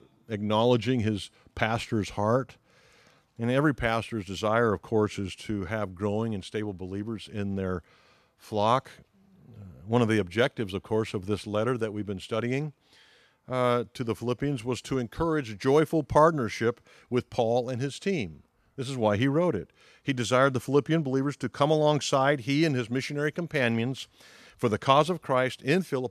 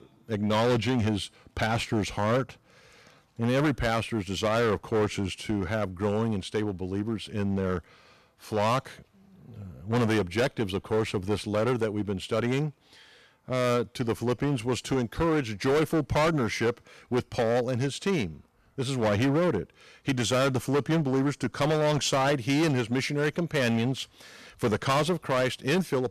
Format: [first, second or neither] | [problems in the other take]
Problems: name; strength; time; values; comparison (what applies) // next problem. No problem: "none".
first | distortion; heavy; 12% of the sound clipped